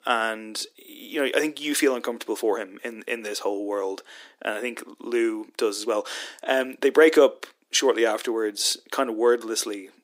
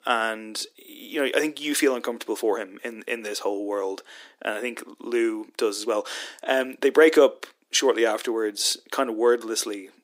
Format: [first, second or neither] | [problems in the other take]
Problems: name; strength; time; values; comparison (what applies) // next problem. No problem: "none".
neither | thin; somewhat; fading below 300 Hz; the same in both